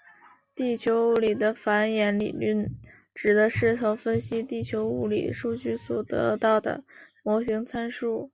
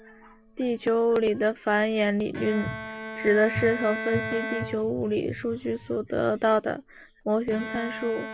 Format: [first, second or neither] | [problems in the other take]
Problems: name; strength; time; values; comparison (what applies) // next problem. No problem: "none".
first | background sound (Bowed string instrument); 11 dB below the speech